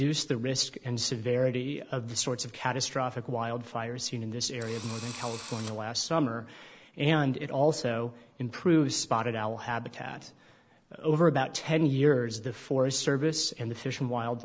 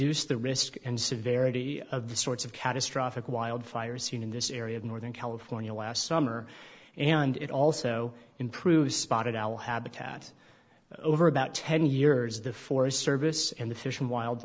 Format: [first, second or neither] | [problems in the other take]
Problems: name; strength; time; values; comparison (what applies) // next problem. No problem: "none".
second | background sound (Engine / Drill); 14 dB below the speech